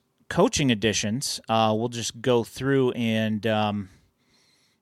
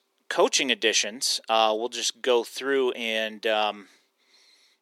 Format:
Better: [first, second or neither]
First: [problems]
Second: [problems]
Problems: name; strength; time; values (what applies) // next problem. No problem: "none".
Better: first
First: none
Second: thin; somewhat; fading below 350 Hz